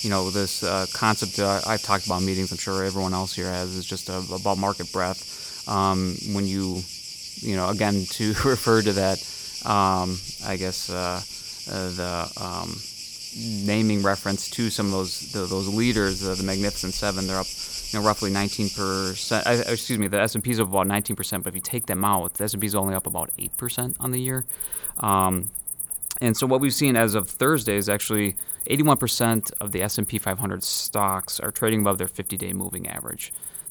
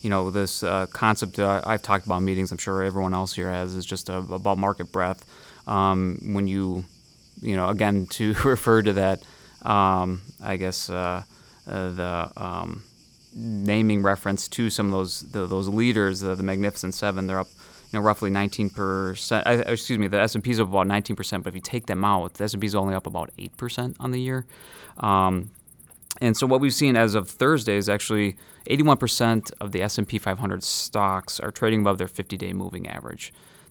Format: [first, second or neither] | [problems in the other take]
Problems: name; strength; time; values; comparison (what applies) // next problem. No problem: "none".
second | animal sounds; loud; throughout; 5 dB below the speech; faint in the second